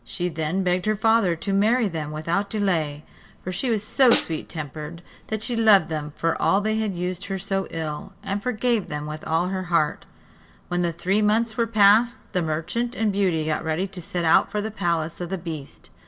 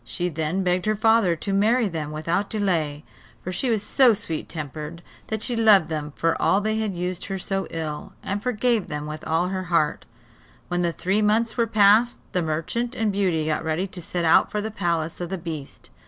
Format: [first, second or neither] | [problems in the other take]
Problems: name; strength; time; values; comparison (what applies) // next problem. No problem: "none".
second | background sound (Snare drum); 9 dB below the speech // room echo; dies away in 0.3 s